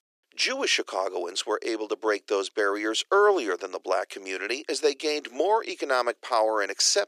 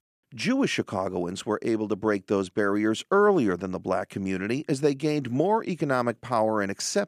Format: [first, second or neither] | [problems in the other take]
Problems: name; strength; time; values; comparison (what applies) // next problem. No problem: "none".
second | thin; very; fading below 350 Hz